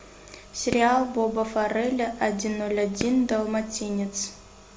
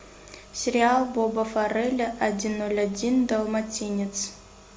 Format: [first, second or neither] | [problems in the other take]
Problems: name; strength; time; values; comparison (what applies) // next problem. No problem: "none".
second | background sound (Fireworks); 16 dB below the speech